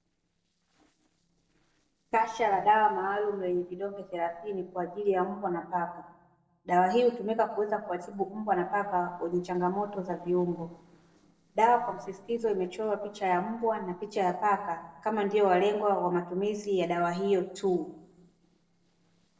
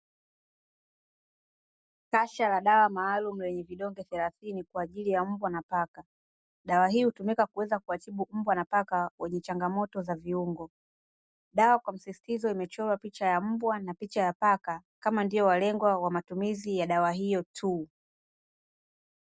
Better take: second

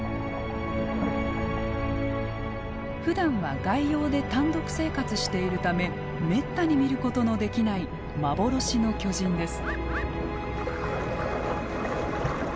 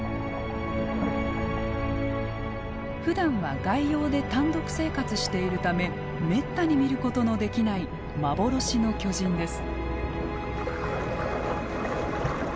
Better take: second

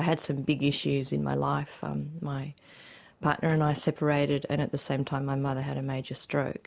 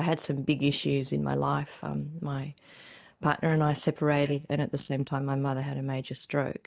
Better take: first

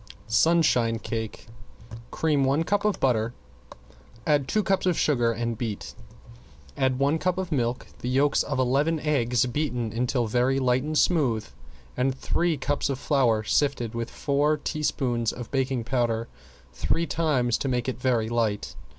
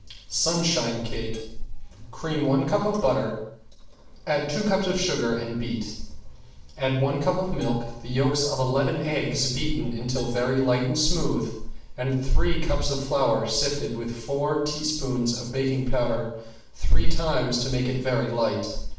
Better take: first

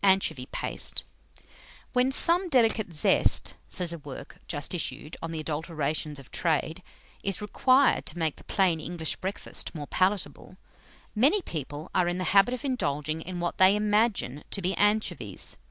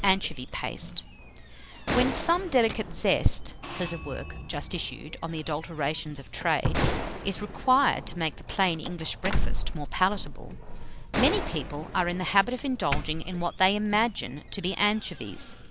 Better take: first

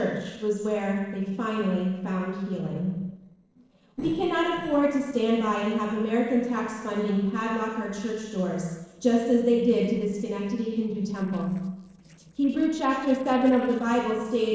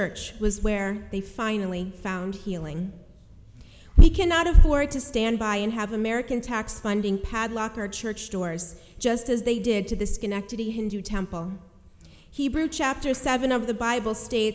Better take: second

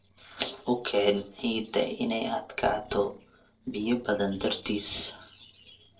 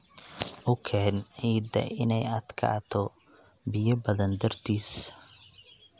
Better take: second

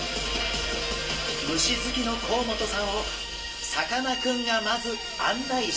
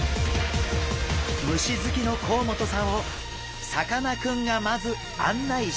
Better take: second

